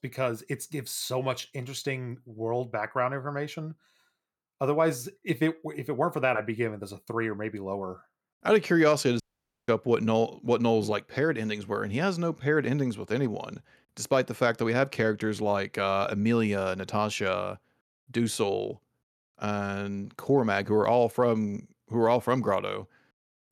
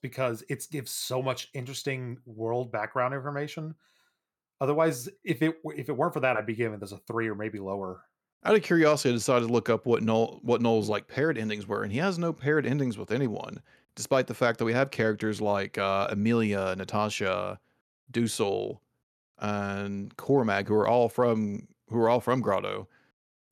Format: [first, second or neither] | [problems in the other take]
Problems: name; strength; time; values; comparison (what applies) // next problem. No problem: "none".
second | audio cutting out; at 9 s